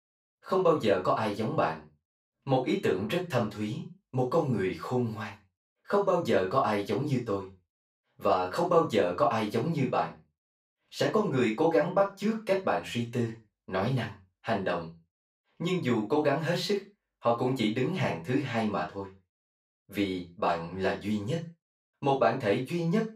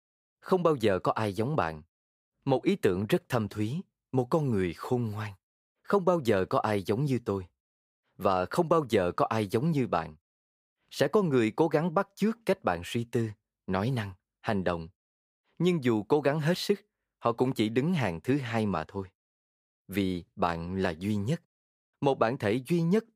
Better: second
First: room echo; slight; dies away in 0.2 s // off-mic speech; far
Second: none

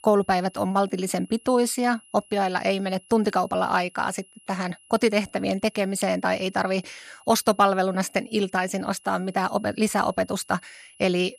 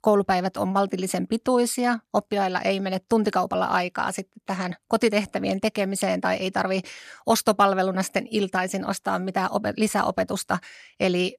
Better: second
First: high-pitched whine; faint; throughout; 3 kHz, 25 dB below the speech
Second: none

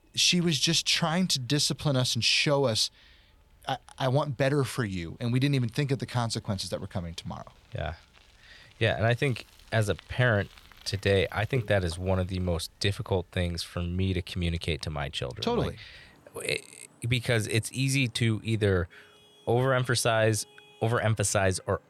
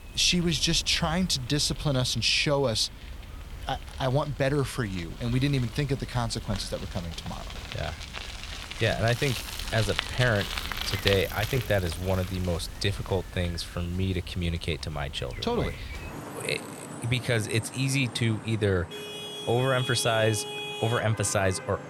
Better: first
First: traffic noise; faint; throughout; 30 dB below the speech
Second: traffic noise; loud; throughout; 9 dB below the speech

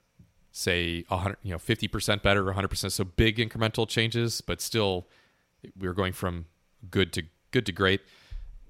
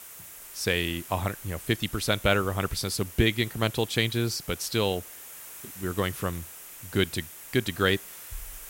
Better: first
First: none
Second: hiss; noticeable; throughout; 15 dB below the speech

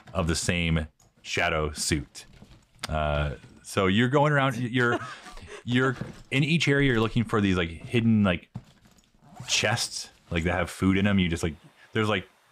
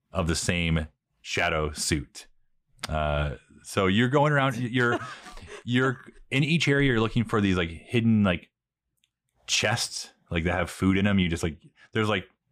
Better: second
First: household noises; faint; throughout; 25 dB below the speech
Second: none

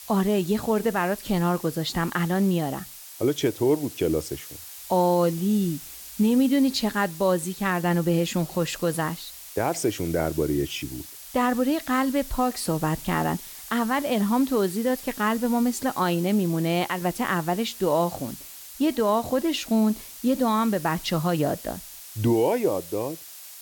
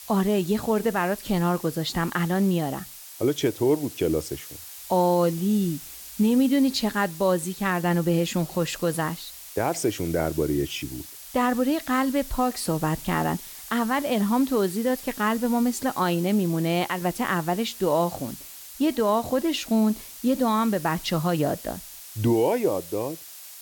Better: neither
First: hiss; noticeable; throughout; 15 dB below the speech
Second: hiss; noticeable; throughout; 15 dB below the speech

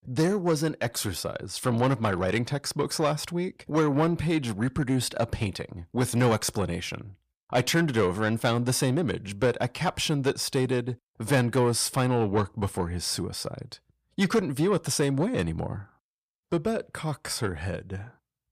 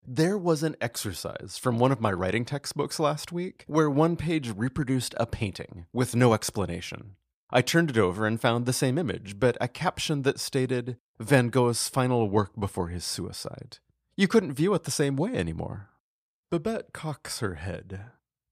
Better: second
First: distortion; slight; 10 dB below the speech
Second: none

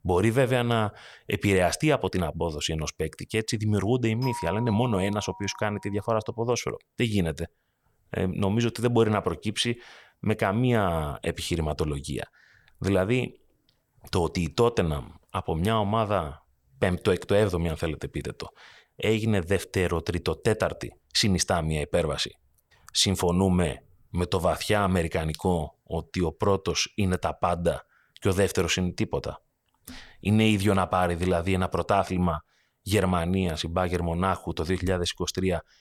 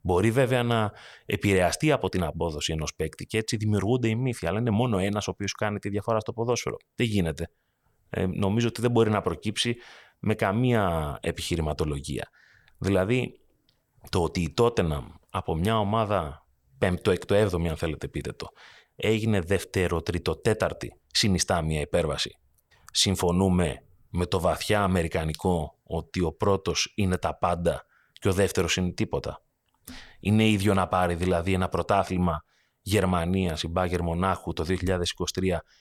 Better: second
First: doorbell; noticeable; from 4 to 6 s; peak 9 dB below the speech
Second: none

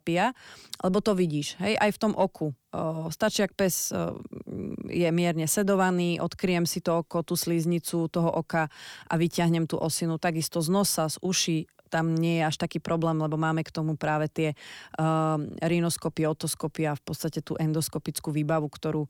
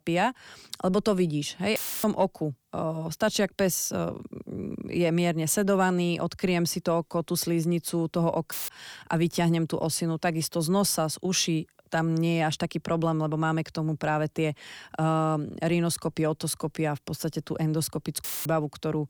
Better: first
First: none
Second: audio cutting out; filled with static; at 2 s, at 8.5 s and at 18 s

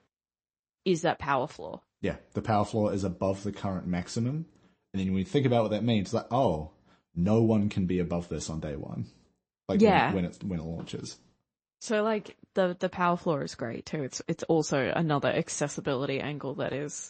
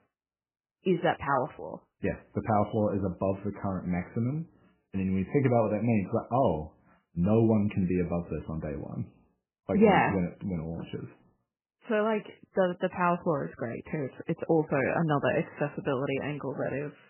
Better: first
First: garbled, watery; slightly; nothing above 8 kHz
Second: garbled, watery; badly; nothing above 3 kHz

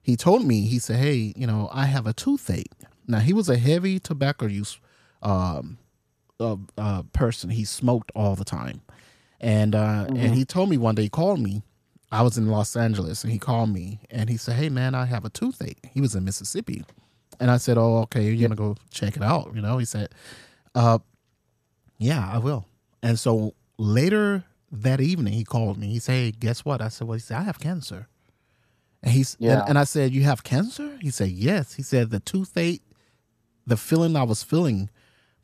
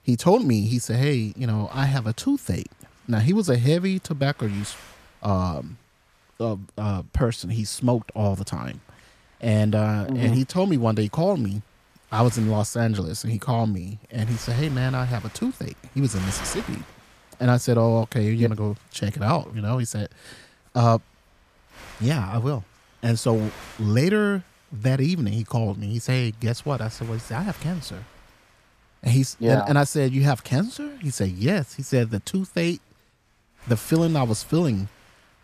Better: first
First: none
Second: wind noise on the microphone; occasional gusts; 15 dB below the speech

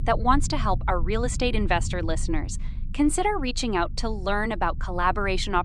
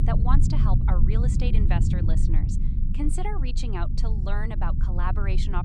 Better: first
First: low rumble; faint; throughout; 25 dB below the speech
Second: low rumble; loud; throughout; 4 dB below the speech

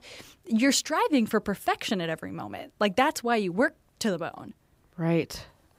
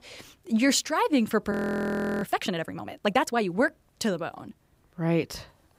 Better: first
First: none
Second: audio freezing; at 1.5 s for 0.5 s

